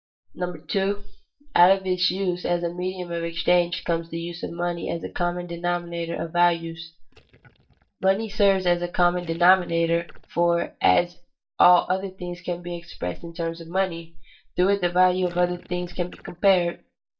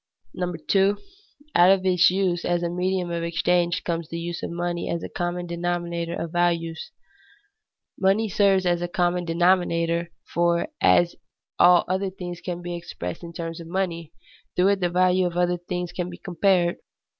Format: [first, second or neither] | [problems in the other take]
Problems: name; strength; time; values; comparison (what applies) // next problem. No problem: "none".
second | noise reduction (neural mask model DeepFilterNet 3)